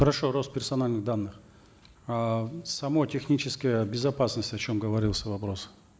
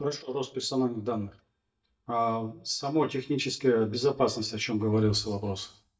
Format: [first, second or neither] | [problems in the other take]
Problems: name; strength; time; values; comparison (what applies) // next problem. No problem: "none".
first | noise reduction (neural mask model DeepFilterNet 3)